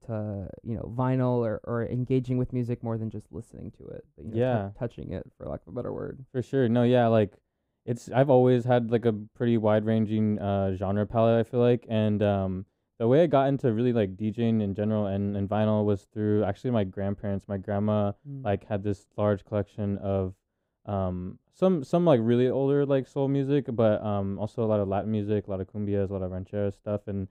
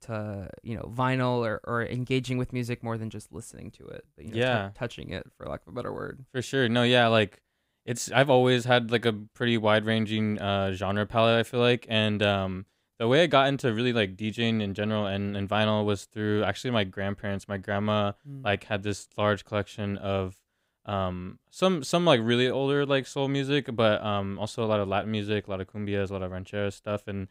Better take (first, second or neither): second